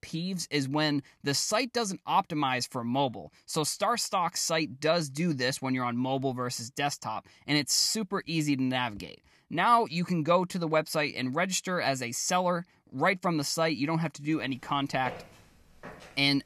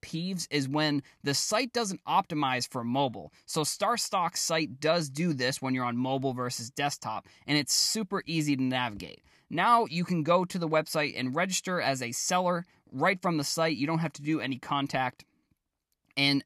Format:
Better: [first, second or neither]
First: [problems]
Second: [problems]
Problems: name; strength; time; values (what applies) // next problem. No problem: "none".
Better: second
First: footsteps; faint; from 15 s on; peak 15 dB below the speech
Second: none